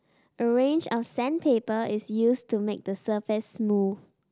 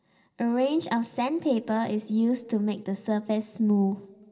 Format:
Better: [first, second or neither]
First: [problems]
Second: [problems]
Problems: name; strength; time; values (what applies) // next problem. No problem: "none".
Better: first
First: none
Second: room echo; dies away in 2 s